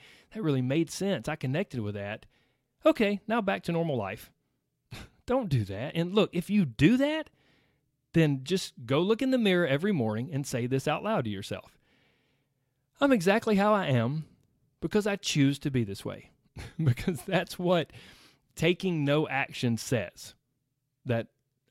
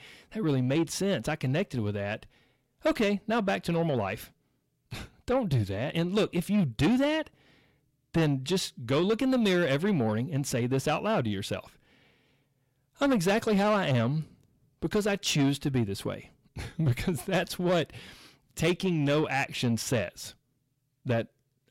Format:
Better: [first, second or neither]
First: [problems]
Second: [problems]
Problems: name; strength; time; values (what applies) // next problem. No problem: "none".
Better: first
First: none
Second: distortion; slight; 10 dB below the speech